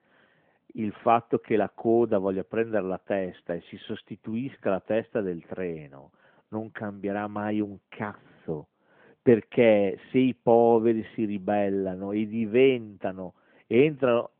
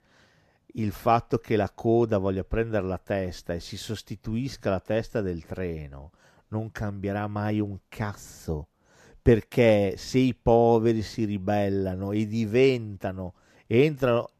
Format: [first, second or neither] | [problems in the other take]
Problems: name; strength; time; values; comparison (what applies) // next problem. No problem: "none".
second | phone-call audio